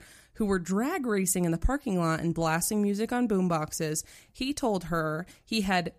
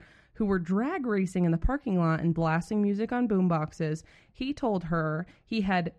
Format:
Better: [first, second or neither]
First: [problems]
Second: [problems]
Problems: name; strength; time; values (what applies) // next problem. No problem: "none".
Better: first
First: none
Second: muffled; slightly; fading above 2.5 kHz